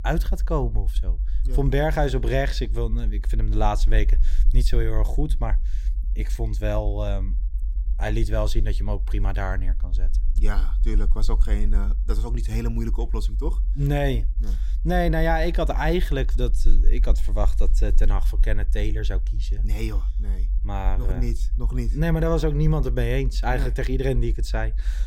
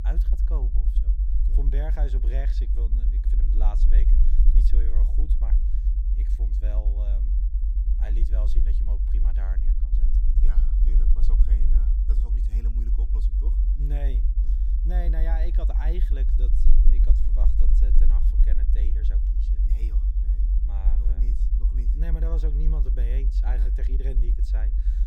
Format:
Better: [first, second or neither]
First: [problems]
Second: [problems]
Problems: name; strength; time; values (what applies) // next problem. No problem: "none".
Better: first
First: low rumble; faint; throughout; 20 dB below the speech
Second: low rumble; loud; throughout; 2 dB below the speech